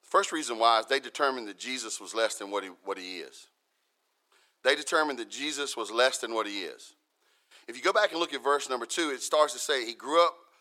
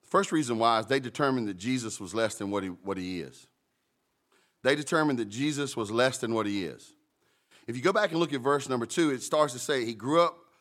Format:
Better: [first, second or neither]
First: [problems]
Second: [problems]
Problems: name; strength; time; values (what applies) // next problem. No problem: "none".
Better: second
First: thin; somewhat; fading below 450 Hz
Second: none